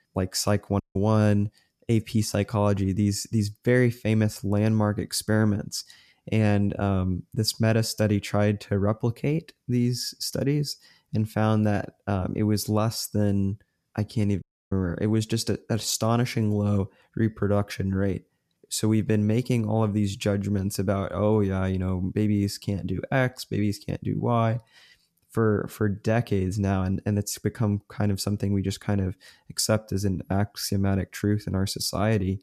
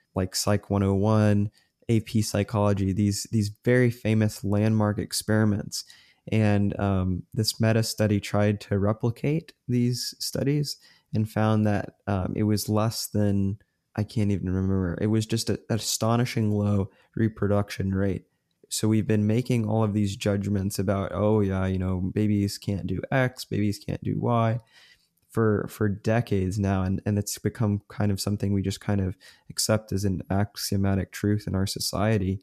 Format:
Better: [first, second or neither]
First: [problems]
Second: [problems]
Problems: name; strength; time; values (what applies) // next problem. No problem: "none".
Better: second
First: audio cutting out; at 1 s and at 14 s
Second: none